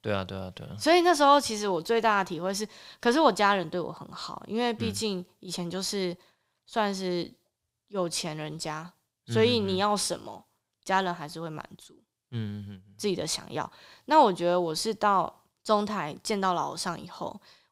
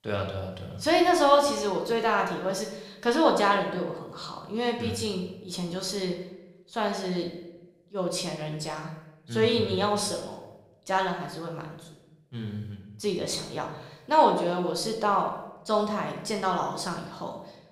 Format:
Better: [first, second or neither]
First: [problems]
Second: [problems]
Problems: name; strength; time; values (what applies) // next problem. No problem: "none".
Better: first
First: none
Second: room echo; slight; dies away in 0.8 s // off-mic speech; somewhat distant